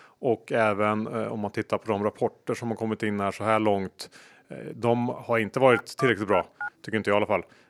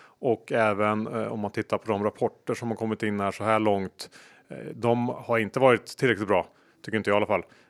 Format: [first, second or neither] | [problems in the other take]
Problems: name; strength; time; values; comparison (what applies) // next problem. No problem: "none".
second | phone ringing; noticeable; at 5.5 s; peak 8 dB below the speech